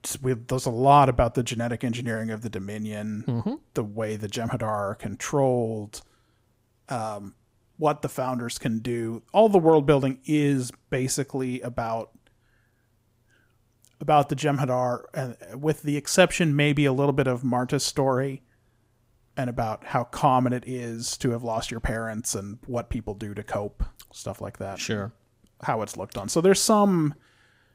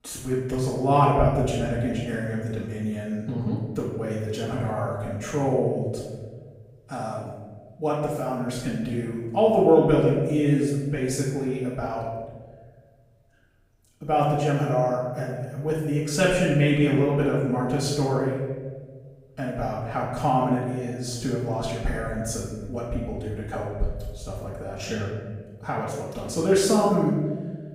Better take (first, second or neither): first